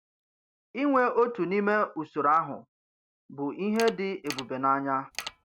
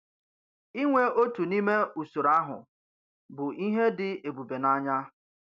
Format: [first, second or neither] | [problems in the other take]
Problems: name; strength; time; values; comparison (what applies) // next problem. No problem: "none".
second | background sound (Mechanisms); 11 dB below the speech